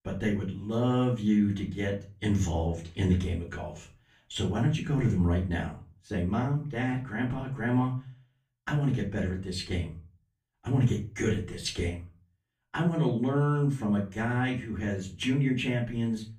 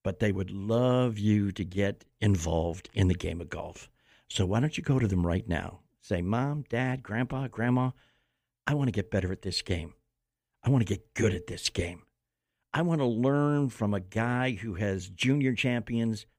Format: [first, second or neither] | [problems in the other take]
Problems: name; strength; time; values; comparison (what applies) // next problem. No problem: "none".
second | room echo; slight; dies away in 0.3 s // off-mic speech; far